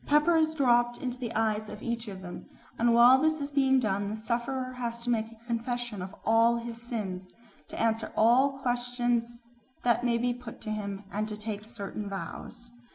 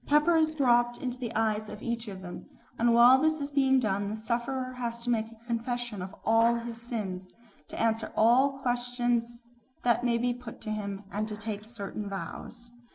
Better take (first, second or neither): first